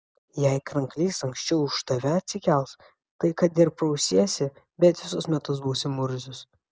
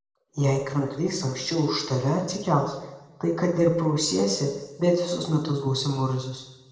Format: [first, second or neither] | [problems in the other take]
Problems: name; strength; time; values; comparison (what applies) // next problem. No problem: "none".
first | room echo; dies away in 1 s